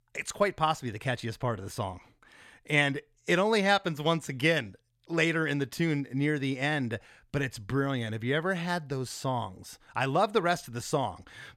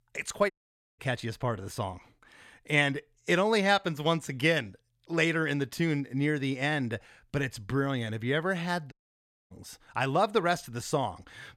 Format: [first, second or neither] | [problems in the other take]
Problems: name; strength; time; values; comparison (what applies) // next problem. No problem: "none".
first | audio cutting out; at 0.5 s and at 9 s for 0.5 s